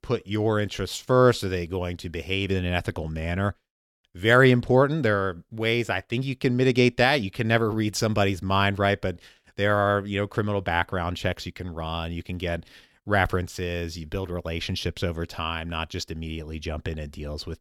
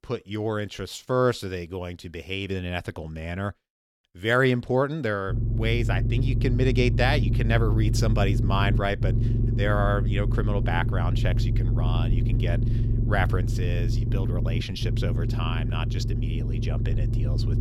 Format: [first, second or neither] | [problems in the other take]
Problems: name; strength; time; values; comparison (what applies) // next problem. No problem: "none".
first | low rumble; loud; from 5.5 s on; 9 dB below the speech